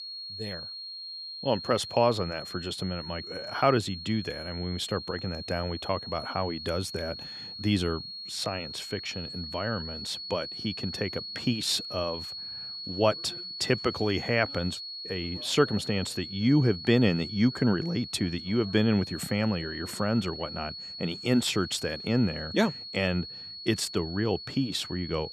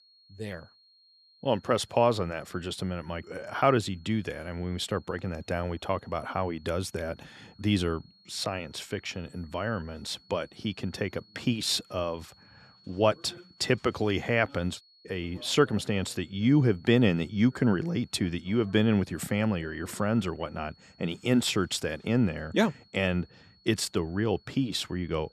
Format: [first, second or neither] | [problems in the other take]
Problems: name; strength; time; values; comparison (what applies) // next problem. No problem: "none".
second | high-pitched whine; loud; throughout; 4.5 kHz, 8 dB below the speech; faint in the second